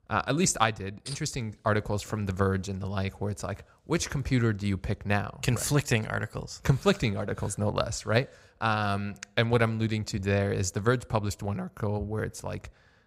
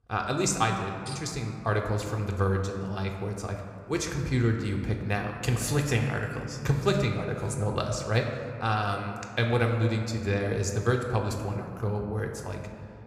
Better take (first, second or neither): first